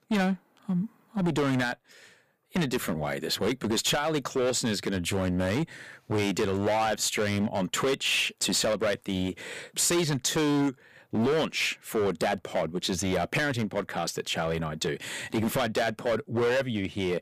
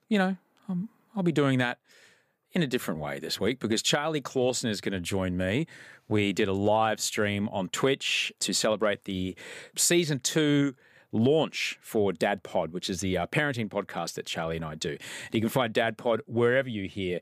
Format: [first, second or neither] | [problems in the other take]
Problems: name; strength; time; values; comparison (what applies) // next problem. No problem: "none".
second | distortion; heavy; 14% of the sound clipped